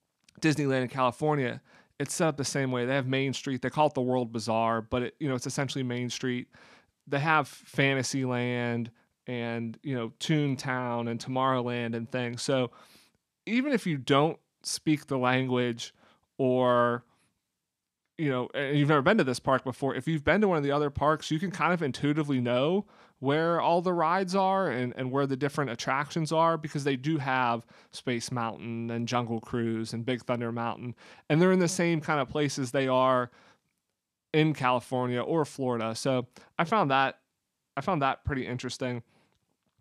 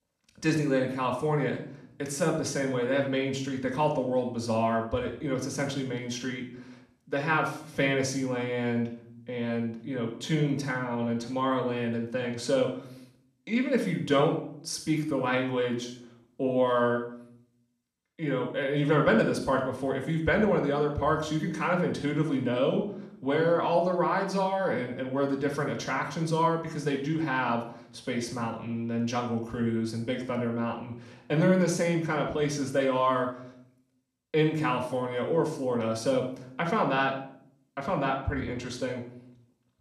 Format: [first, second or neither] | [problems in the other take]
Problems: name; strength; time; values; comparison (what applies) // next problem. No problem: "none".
first | off-mic speech; far // room echo; noticeable; dies away in 0.6 s